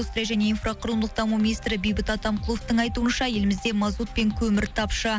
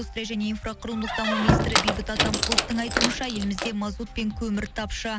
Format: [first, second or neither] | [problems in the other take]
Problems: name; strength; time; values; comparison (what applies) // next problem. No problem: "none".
first | background sound (Squeak); 3 dB above the speech